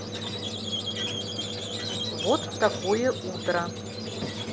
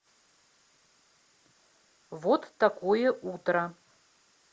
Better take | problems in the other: second | background sound (Squeak); 1 dB below the speech

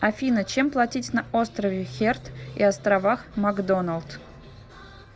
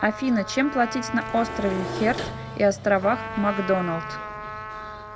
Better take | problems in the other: first | background sound (Trumpet + Engine / Mechanisms); 9 dB below the speech

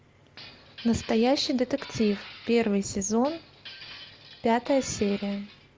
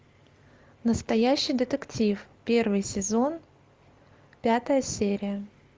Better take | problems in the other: second | background sound (Glass); 18 dB below the speech

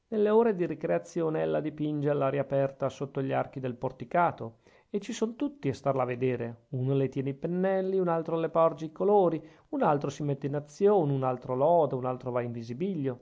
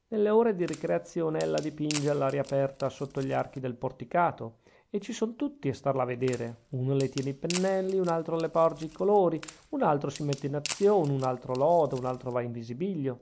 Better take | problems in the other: first | background sound (Wood); 16 dB below the speech

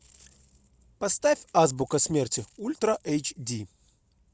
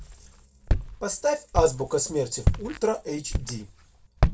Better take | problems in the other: first | background sound (Walk, footsteps); as loud as the speech // room echo; dies away in 0.2 s

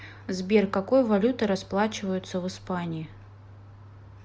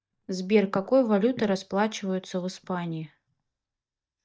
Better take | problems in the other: first | noise reduction (neural mask model DeepFilterNet 3)

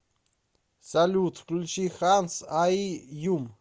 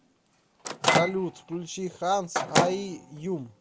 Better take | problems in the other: first | background sound (Microwave oven); 1 dB above the speech

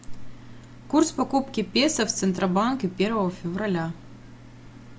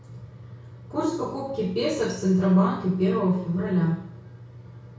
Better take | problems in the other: first | room echo; dies away in 0.6 s

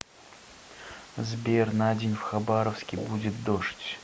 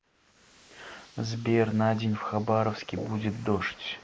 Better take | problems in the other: first | noise reduction (neural mask model Resemble Enhance denoiser)

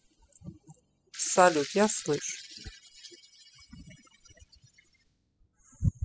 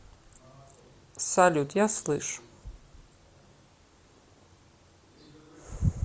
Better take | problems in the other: second | noise reduction (classical method spectral subtraction)

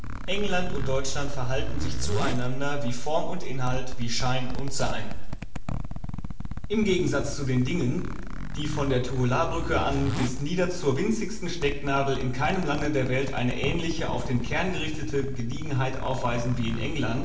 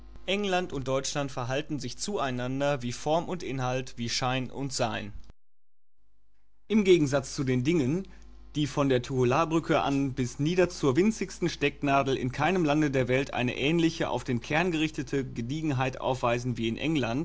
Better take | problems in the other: second | background sound (Zipper (clothing)); 12 dB below the speech // room echo; dies away in 0.9 s

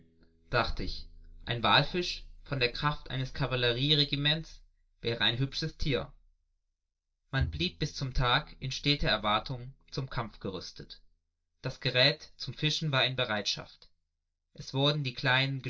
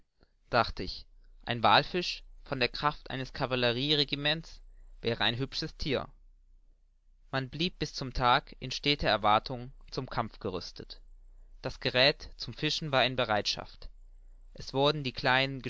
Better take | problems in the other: second | noise reduction (neural mask model DeepFilterNet 3)

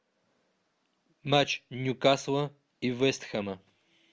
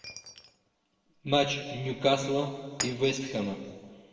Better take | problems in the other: first | background sound (Shatter); 14 dB below the speech // room echo; dies away in 1.6 s

